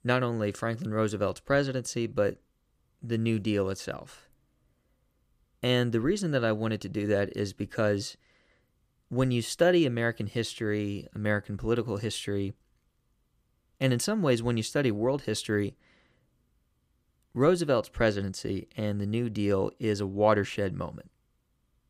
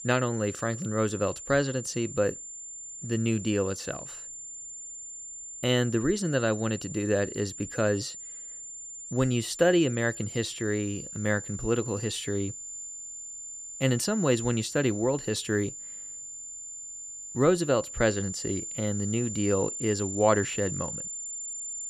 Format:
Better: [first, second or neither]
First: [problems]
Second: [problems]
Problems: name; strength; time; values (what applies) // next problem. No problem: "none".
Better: first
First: none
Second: high-pitched whine; loud; throughout; 7 kHz, 9 dB below the speech